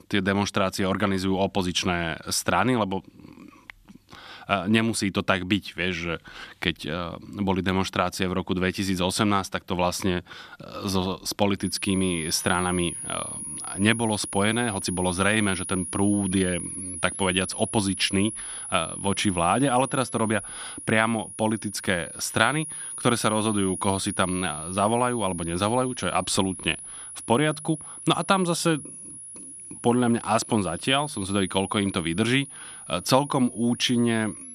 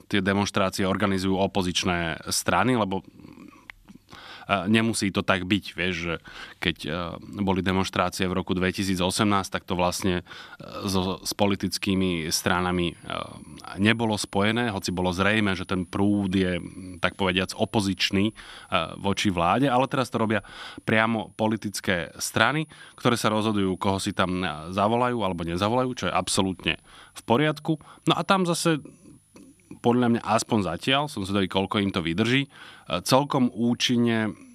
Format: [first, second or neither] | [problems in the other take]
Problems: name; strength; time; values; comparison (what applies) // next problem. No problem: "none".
second | high-pitched whine; loud; from 12 s on; 10.5 kHz, 9 dB below the speech; faint in the second